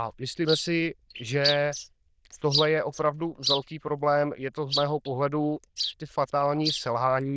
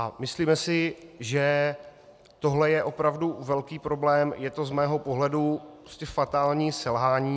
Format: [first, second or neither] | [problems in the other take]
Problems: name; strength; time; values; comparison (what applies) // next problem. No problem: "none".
second | noise reduction (neural diffusion model UNIVERSE++)